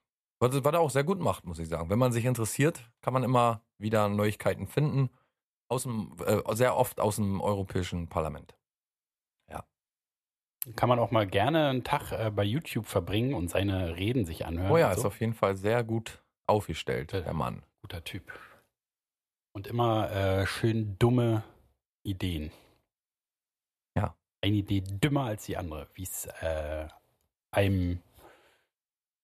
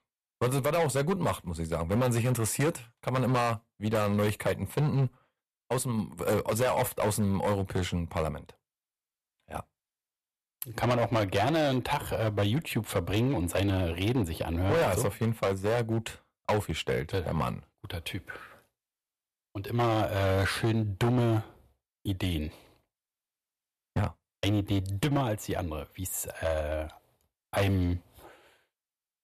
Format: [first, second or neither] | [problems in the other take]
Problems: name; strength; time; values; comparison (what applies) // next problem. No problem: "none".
first | distortion; heavy; 8% of the sound clipped